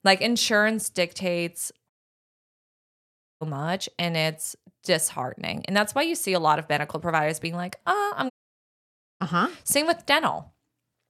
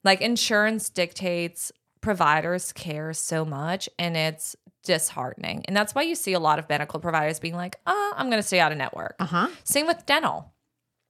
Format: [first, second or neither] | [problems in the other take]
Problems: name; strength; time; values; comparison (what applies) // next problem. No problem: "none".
second | audio cutting out; at 2 s for 1.5 s and at 8.5 s for 1 s